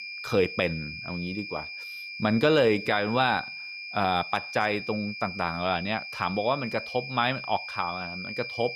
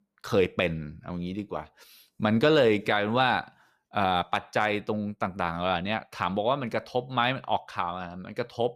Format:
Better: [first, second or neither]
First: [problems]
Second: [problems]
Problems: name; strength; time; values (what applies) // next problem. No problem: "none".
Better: second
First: high-pitched whine; loud; throughout; 2.5 kHz, 8 dB below the speech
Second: none